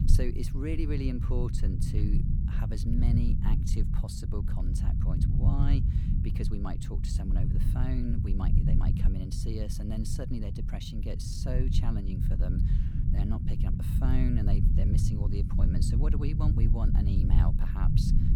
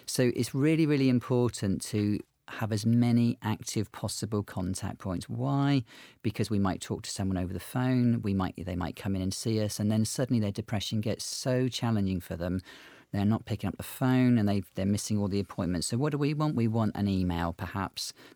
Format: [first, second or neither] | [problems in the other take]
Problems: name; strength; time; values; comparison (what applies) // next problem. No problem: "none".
second | low rumble; loud; throughout; 1 dB below the speech